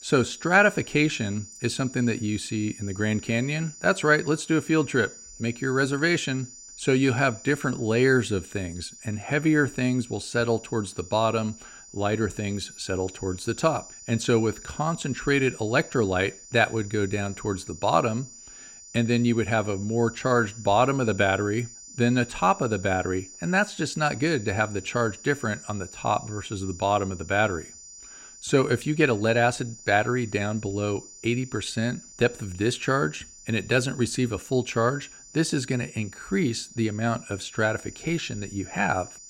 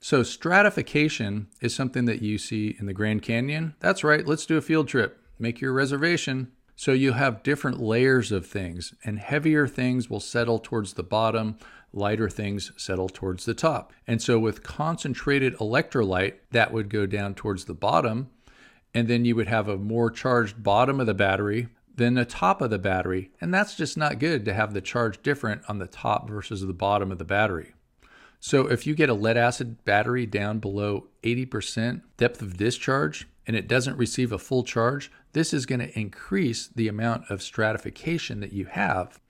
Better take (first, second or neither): second